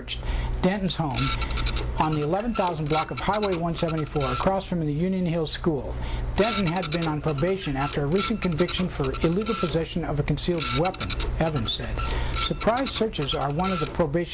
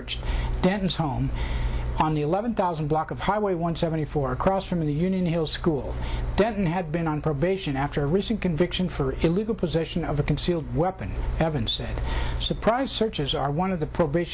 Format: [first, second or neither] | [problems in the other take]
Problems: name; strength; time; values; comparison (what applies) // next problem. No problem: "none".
second | background sound (Printer); 9 dB below the speech